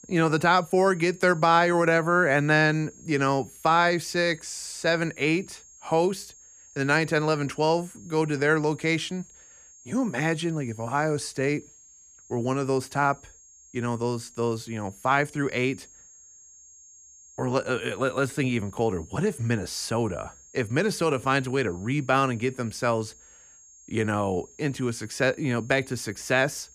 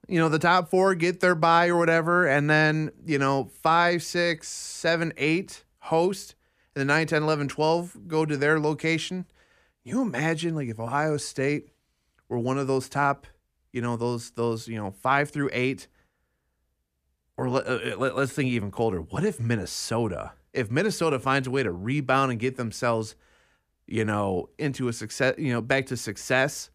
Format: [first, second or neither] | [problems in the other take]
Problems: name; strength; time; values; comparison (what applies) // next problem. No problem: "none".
second | high-pitched whine; faint; throughout; 6.5 kHz, 25 dB below the speech